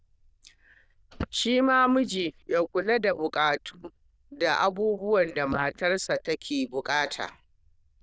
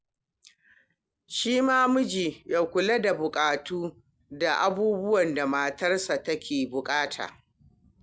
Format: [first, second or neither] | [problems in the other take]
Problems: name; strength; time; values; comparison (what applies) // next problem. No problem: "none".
second | noise reduction (neural diffusion model UNIVERSE++)